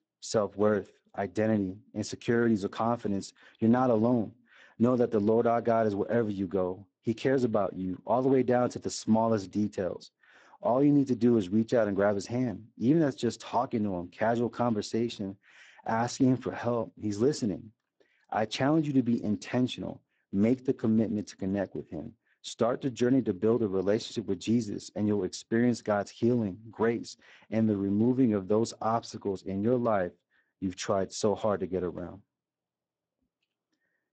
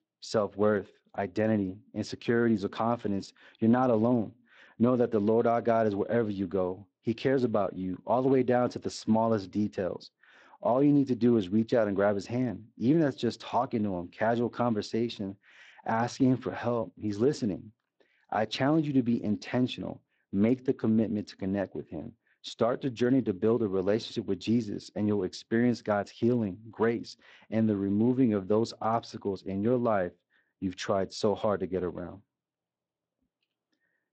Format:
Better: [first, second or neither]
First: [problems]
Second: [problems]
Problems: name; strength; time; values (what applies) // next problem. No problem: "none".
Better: second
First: garbled, watery; badly; nothing above 8 kHz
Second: garbled, watery; slightly; nothing above 8 kHz